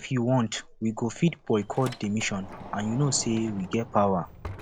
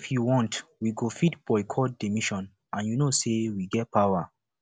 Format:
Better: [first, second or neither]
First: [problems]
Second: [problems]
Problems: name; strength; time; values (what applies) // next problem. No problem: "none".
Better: second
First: background sound (Sliding door); 16 dB below the speech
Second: none